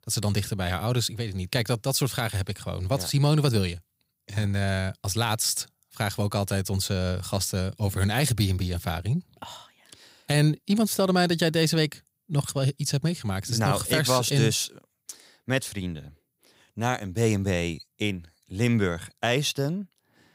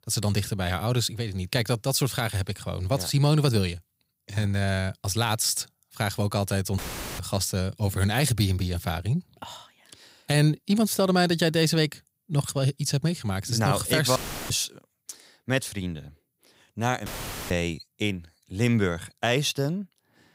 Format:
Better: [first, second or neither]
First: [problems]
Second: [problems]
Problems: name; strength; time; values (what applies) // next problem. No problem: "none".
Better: first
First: none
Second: audio cutting out; filled with static; at 7 s, at 14 s and at 17 s